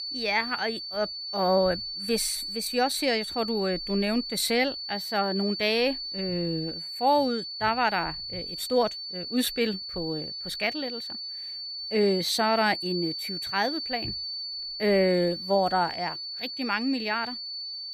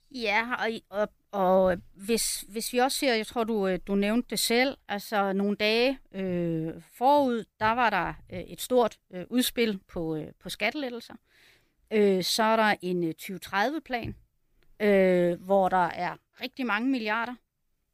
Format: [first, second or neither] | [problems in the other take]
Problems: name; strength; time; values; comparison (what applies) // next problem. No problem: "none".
second | high-pitched whine; loud; throughout; 4.5 kHz, 5 dB below the speech